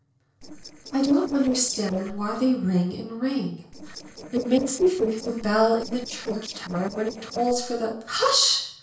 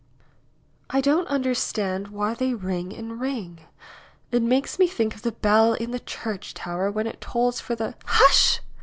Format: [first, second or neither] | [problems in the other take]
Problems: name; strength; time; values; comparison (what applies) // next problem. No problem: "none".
second | noise reduction (neural separator model SepFormer DNS4)